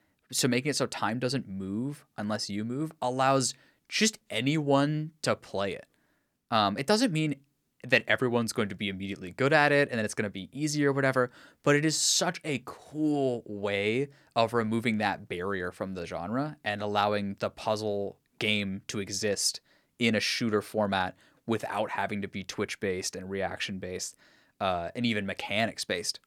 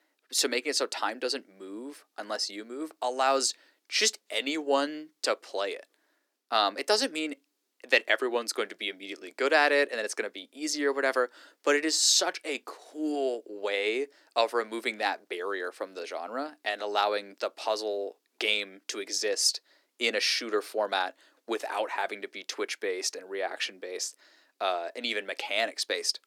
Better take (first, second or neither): first